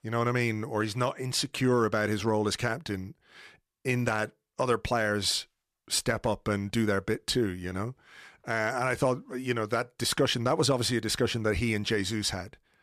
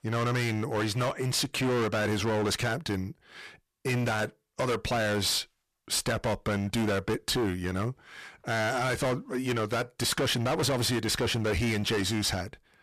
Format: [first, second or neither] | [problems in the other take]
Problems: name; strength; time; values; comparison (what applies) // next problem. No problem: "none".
first | distortion; heavy; 23% of the sound clipped